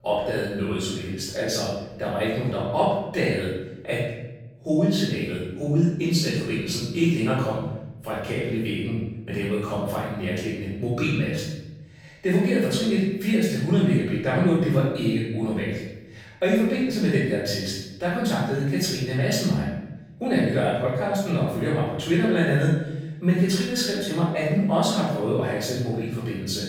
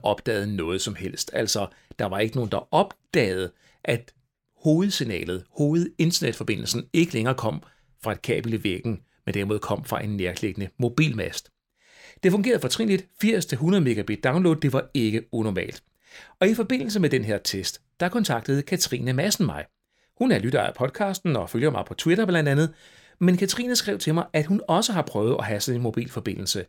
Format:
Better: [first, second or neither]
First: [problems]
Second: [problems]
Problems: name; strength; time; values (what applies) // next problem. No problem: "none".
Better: second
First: off-mic speech; far // room echo; strong; dies away in 0.9 s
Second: none